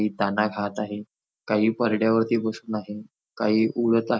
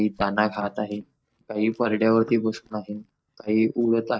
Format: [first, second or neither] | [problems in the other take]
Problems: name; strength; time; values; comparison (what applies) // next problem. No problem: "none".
first | noise reduction (neural mask model DeepFilterNet 3)